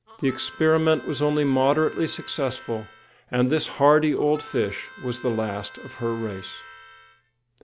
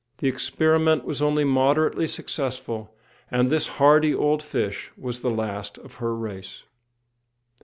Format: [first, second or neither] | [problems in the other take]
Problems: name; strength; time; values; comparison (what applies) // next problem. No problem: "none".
second | background sound (Harmonica); 20 dB below the speech